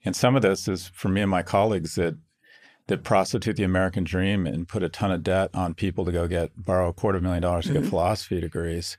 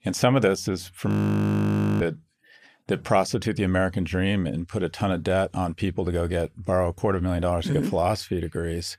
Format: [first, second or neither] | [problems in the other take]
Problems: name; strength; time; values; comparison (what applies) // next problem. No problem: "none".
first | audio freezing; at 1 s for 1 s